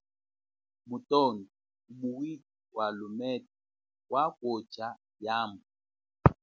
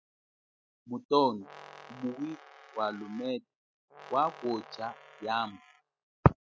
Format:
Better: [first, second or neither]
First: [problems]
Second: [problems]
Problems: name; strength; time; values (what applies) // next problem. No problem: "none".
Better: first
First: none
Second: noise reduction (classical method spectral subtraction)